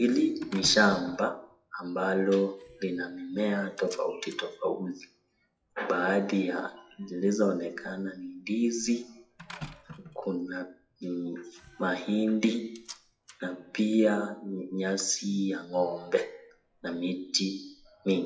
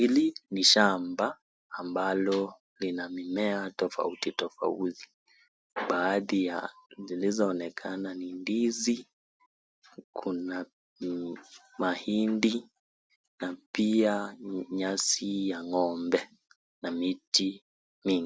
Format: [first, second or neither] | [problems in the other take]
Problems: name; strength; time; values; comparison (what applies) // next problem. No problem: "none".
second | noise reduction (classical method WPE with log-MMSE)